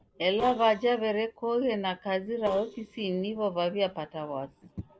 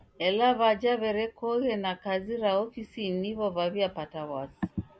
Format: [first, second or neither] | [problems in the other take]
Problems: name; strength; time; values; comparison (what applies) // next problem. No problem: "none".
second | noise reduction (neural separator model SepFormer DNS4)